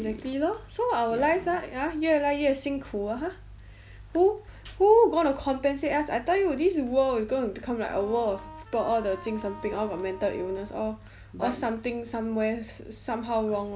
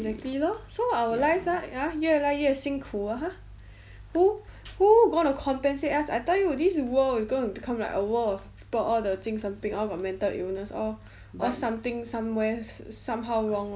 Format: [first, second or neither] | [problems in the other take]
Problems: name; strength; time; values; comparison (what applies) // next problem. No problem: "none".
second | background sound (Wind instrument, woodwind instrument); 18 dB below the speech